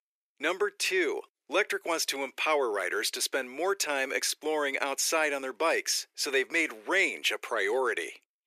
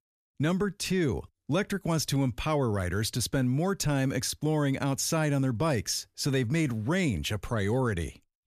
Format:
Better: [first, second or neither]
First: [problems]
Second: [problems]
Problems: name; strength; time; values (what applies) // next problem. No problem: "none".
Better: second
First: thin; very; fading below 350 Hz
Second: none